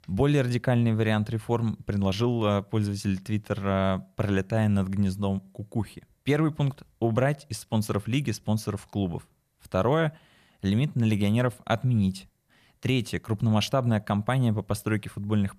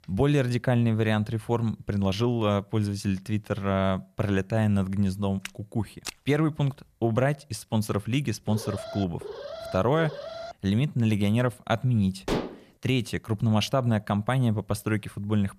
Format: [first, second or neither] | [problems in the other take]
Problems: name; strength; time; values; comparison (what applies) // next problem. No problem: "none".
first | footsteps; faint; at 5.5 s; peak 10 dB below the speech // alarm; faint; from 8.5 to 11 s; peak 10 dB below the speech // clattering dishes; noticeable; at 12 s; peak 4 dB below the speech